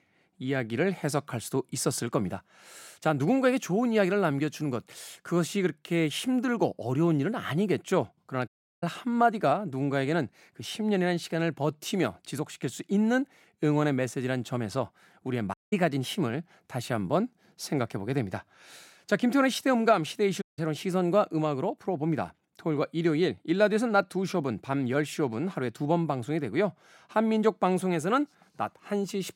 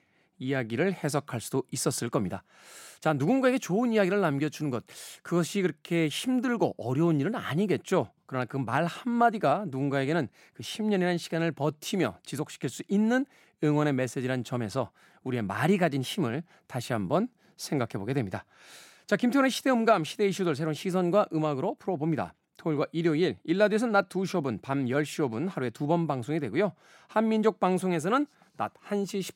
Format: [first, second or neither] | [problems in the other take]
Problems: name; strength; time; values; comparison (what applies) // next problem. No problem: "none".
second | audio cutting out; at 8.5 s, at 16 s and at 20 s